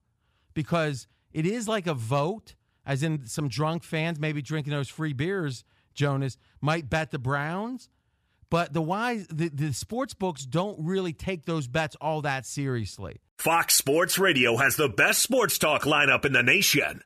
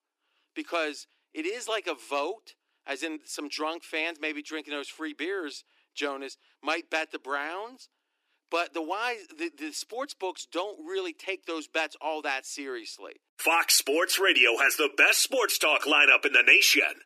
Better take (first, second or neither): first